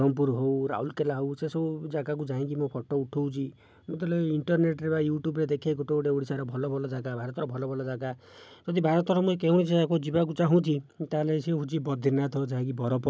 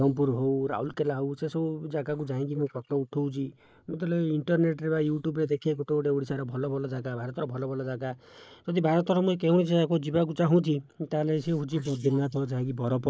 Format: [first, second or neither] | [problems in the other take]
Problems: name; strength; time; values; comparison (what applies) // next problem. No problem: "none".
first | noise reduction (neural mask model Resemble Enhance denoiser)